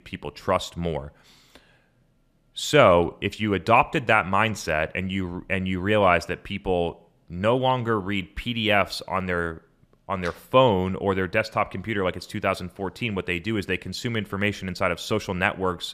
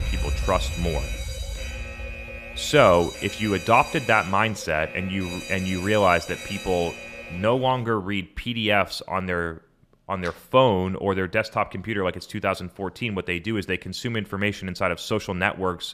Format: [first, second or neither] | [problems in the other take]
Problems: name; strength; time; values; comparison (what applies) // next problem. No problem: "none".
first | alarm; noticeable; until 8 s; peak 4 dB below the speech